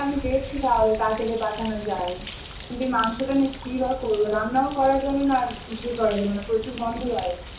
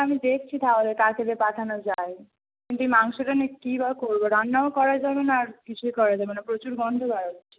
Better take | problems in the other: second | background sound (Bird); 13 dB below the speech // room echo; dies away in 0.7 s

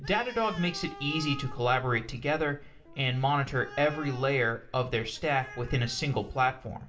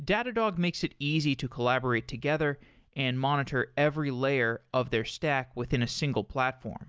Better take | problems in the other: second | background sound (Animal); 16 dB below the speech // room echo; dies away in 0.4 s

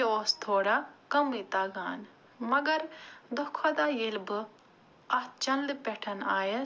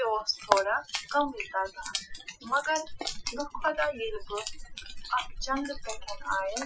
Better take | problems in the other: first | noise reduction (classical method Wiener filter)

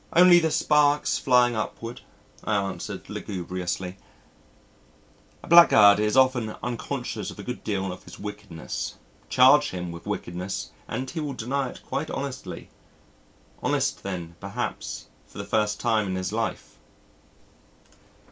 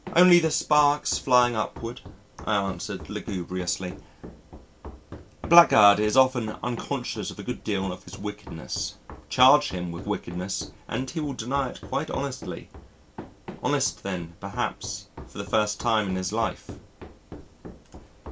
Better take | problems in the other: first | background sound (Run); 16 dB below the speech

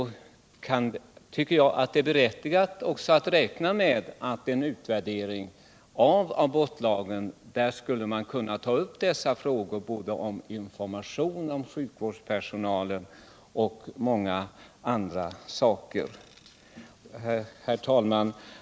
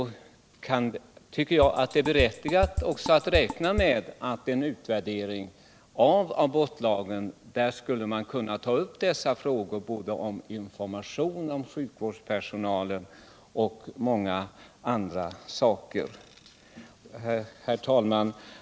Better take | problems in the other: first | background sound (Drum kit); 5 dB below the speech

